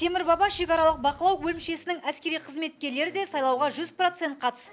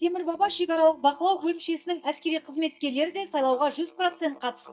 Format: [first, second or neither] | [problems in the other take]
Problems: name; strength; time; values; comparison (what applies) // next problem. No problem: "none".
first | noise reduction (neural mask model DeepFilterNet 3)